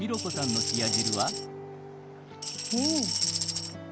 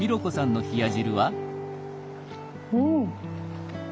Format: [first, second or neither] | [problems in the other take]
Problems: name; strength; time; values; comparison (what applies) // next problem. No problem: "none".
second | background sound (Tambourine); 3 dB above the speech